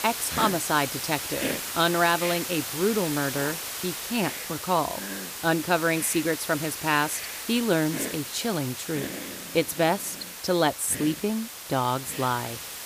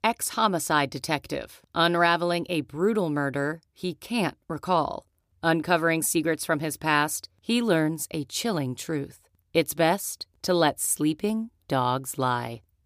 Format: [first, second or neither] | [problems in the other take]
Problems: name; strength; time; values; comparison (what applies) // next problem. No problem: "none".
second | hiss; loud; throughout; 6 dB below the speech